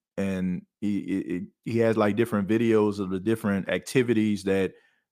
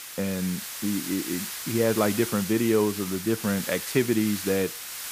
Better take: first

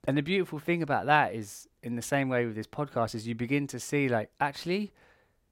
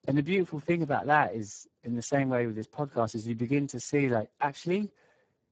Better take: first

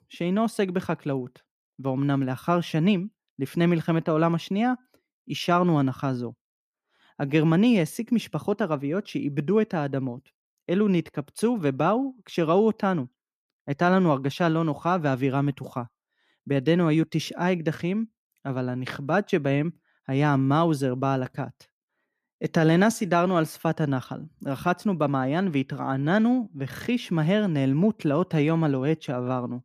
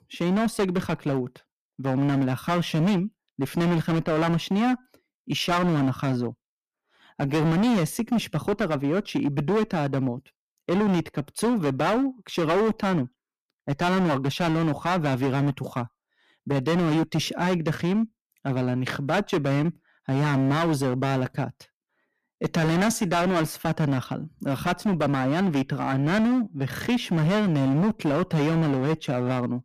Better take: first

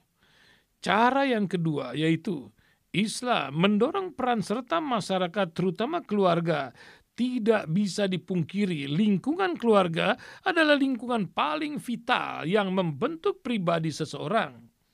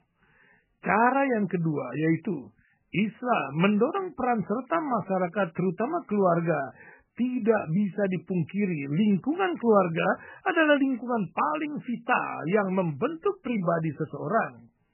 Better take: first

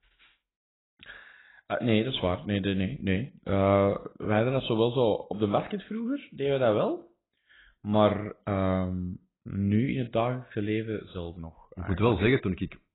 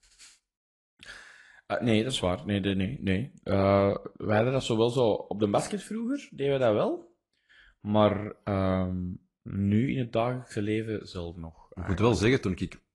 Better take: second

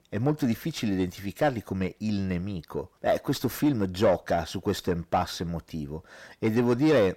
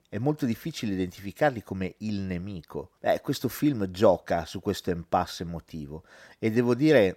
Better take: second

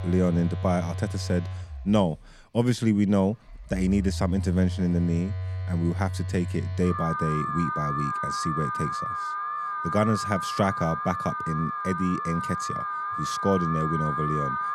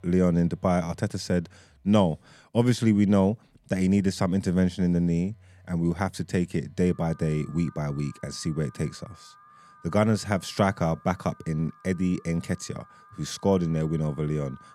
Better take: second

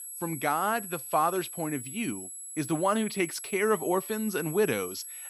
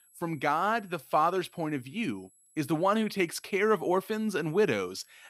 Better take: second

